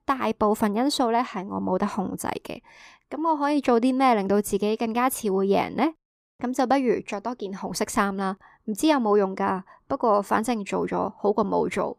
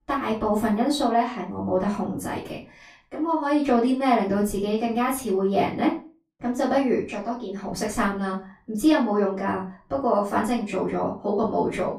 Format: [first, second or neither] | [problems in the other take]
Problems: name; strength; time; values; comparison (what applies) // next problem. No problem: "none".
first | off-mic speech; far // room echo; slight; dies away in 0.3 s